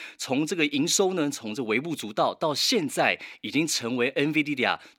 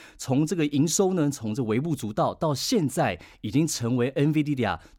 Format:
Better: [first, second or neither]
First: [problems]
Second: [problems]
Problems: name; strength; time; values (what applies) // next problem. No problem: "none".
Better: second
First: thin; very slightly; fading below 250 Hz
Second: none